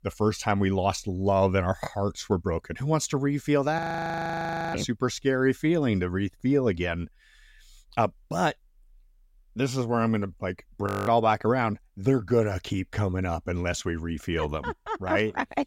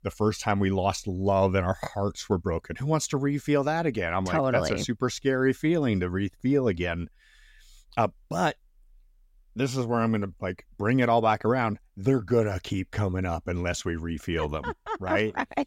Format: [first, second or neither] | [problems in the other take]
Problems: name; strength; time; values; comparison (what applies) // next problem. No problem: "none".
second | audio freezing; at 4 s for 1 s and at 11 s